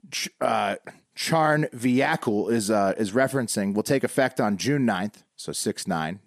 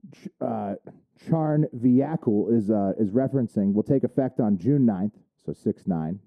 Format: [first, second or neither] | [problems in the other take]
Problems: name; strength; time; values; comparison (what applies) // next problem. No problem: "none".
first | muffled; very; fading above 1 kHz